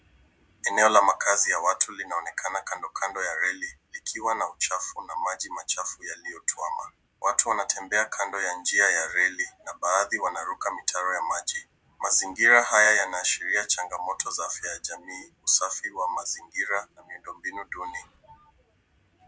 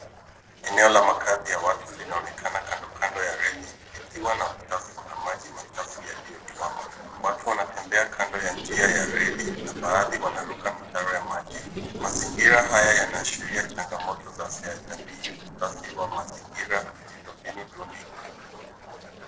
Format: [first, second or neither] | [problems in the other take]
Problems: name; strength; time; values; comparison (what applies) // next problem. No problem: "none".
first | noise reduction (neural separator model SepFormer DNS4)